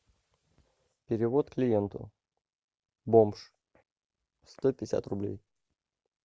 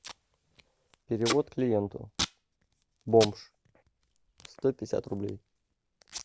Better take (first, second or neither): first